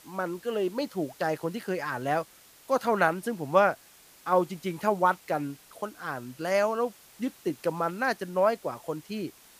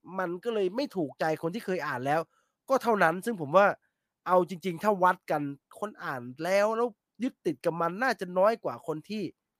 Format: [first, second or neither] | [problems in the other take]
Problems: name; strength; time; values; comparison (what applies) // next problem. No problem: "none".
second | hiss; faint; throughout; 25 dB below the speech